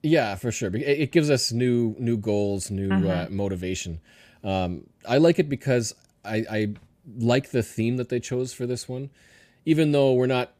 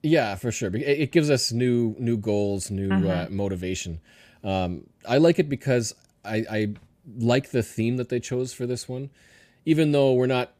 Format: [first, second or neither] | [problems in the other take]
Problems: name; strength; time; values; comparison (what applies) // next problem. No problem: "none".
neither | none